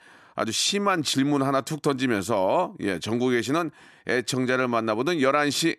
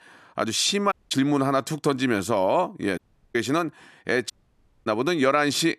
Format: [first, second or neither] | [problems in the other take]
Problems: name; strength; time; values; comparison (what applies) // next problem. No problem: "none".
first | audio cutting out; at 1 s, at 3 s and at 4.5 s for 0.5 s